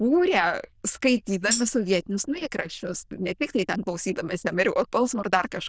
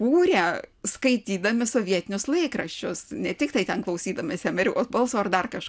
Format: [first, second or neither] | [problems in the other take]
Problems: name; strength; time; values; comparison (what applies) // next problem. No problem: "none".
second | noise reduction (neural diffusion model UNIVERSE++)